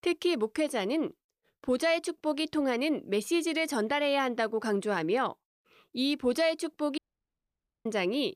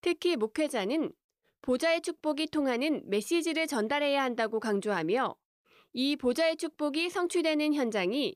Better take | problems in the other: second | audio cutting out; at 7 s for 1 s

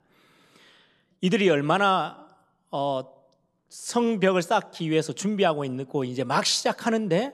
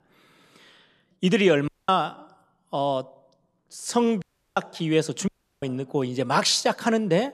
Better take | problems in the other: first | audio cutting out; at 1.5 s, at 4 s and at 5.5 s

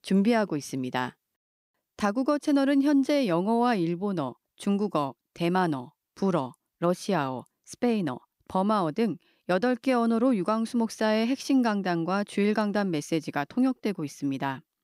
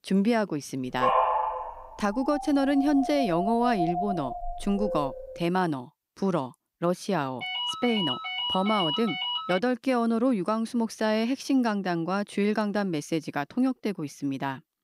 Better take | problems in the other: first | dog barking; loud; from 1 to 5.5 s; peak 5 dB above the speech // phone ringing; noticeable; from 7.5 to 9.5 s; peak 1 dB below the speech

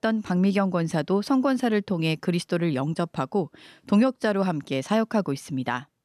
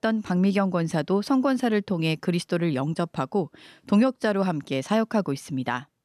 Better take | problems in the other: neither | none

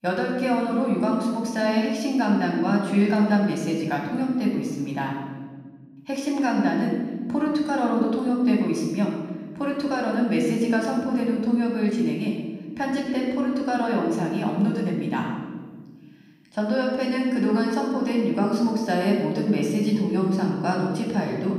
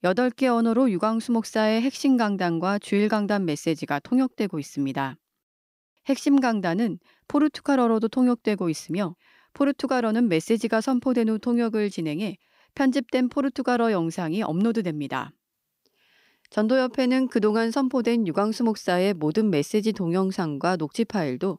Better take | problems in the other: second | off-mic speech; far // room echo; noticeable; dies away in 1.4 s

